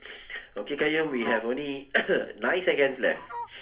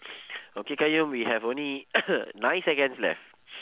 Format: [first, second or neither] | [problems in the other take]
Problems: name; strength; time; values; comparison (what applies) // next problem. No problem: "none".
second | background sound (Fowl); 16 dB below the speech // room echo; dies away in 0.3 s